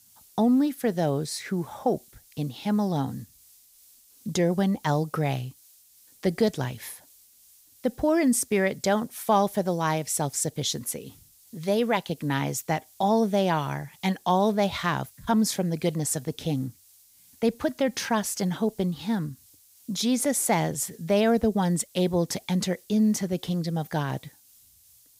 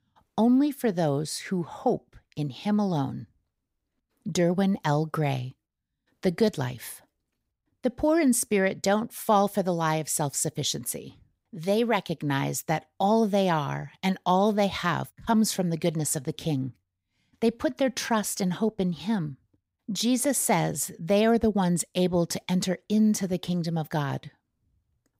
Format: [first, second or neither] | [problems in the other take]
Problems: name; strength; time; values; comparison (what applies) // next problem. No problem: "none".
second | hiss; faint; throughout; 25 dB below the speech